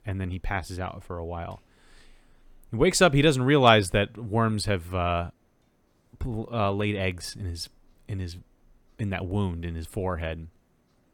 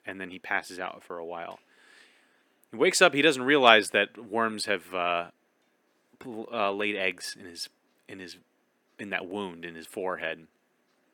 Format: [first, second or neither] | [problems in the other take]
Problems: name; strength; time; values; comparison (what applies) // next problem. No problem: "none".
first | thin; somewhat; fading below 250 Hz